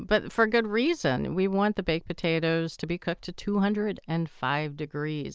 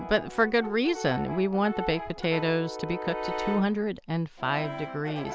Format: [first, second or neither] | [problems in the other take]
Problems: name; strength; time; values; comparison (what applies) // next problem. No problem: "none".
first | background sound (Brass instrument); 9 dB below the speech